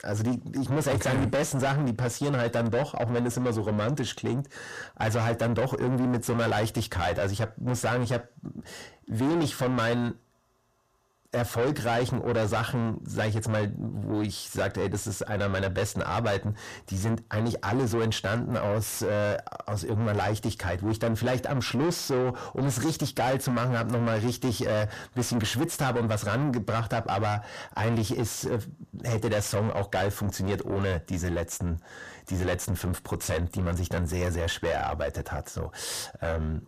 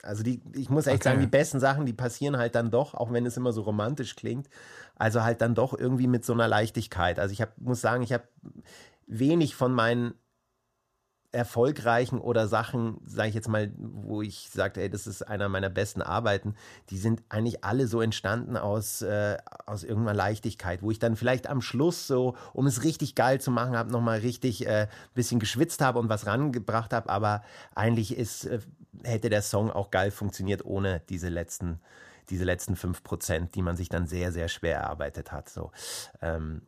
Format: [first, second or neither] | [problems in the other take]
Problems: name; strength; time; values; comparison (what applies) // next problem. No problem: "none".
second | distortion; heavy; 6 dB below the speech